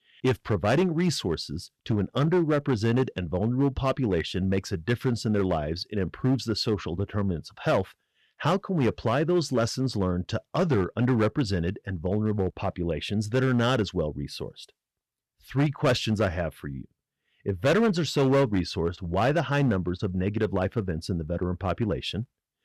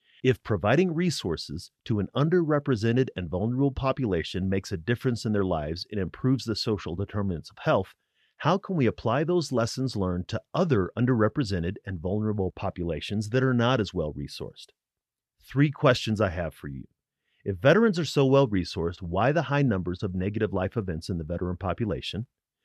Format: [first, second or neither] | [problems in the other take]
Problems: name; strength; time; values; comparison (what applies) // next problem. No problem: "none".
second | distortion; slight; 5% of the sound clipped